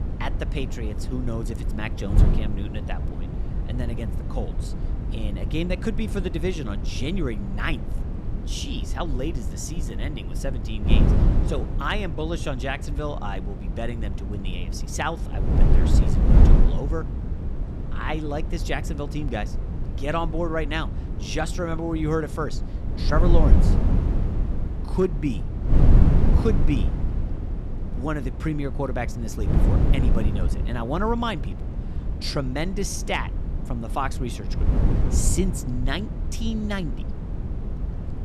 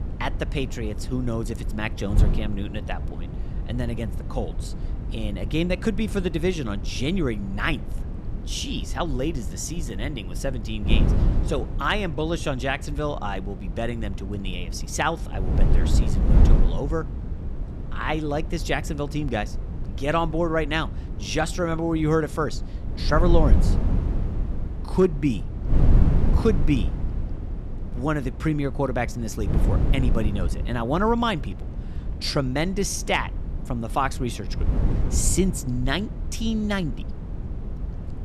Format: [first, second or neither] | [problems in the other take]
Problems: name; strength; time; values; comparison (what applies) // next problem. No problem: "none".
second | wind noise on the microphone; heavy; 6 dB below the speech; occasional gusts in the second